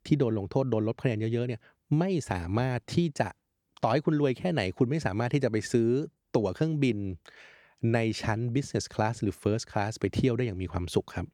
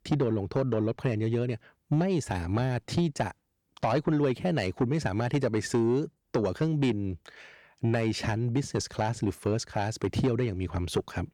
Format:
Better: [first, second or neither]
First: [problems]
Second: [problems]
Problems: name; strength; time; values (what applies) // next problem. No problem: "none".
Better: first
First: none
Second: distortion; slight; 10 dB below the speech